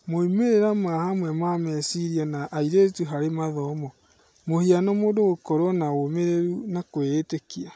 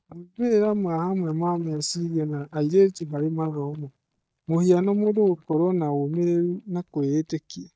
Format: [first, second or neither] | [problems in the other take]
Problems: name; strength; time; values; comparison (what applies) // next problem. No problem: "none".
first | noise reduction (neural mask model DeepFilterNet 3)